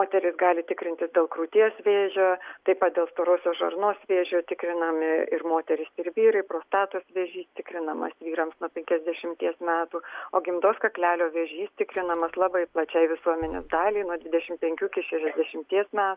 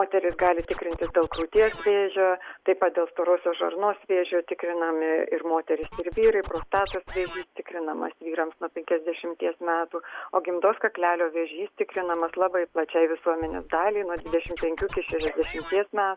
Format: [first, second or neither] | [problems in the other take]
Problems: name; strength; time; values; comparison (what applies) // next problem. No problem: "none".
first | background sound (Scratching (performance technique)); 13 dB below the speech